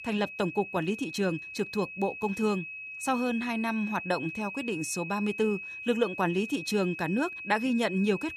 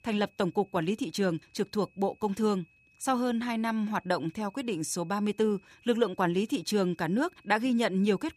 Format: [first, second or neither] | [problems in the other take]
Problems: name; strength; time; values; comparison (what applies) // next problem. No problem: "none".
second | high-pitched whine; loud; throughout; 2.5 kHz, 8 dB below the speech; faint in the second